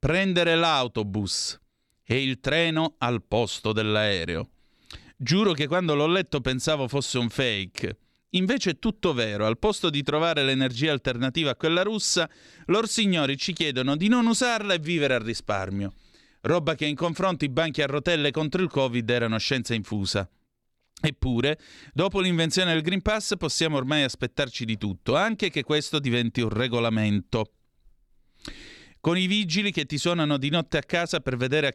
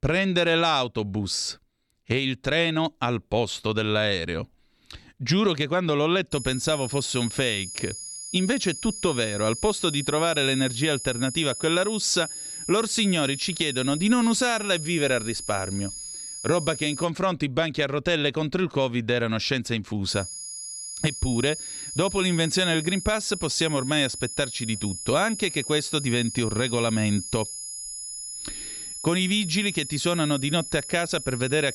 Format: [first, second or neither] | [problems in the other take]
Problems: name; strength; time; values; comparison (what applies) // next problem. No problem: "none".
first | high-pitched whine; loud; from 6.5 to 17 s and from 20 s on; 10.5 kHz, 8 dB below the speech